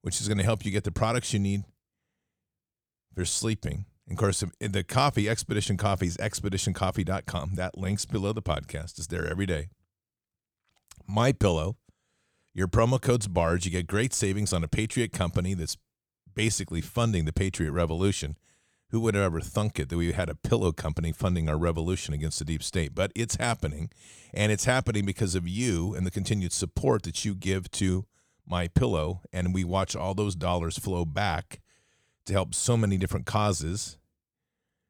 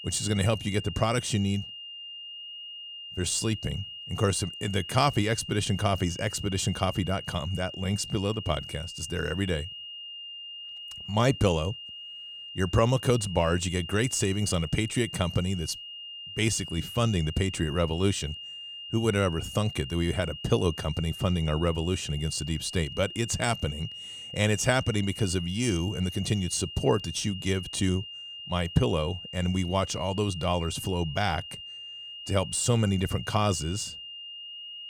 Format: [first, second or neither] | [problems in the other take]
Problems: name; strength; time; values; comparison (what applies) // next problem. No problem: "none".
first | high-pitched whine; noticeable; throughout; 3 kHz, 10 dB below the speech